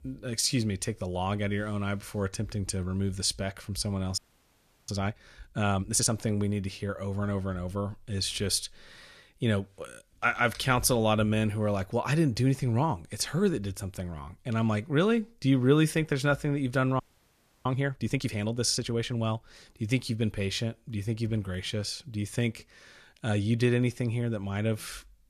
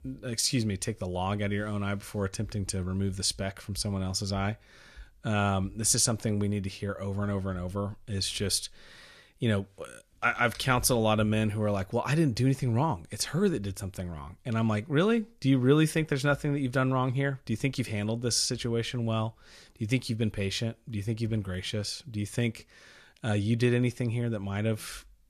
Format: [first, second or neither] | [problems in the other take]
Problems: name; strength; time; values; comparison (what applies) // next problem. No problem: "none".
second | audio freezing; at 4 s for 0.5 s and at 17 s for 0.5 s